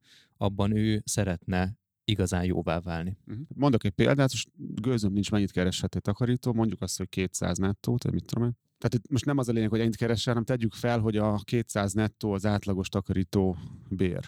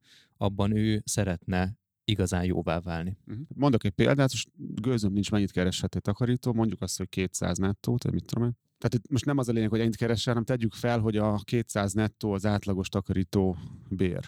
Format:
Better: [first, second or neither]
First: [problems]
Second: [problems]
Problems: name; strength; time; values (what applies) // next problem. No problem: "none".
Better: neither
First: none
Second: none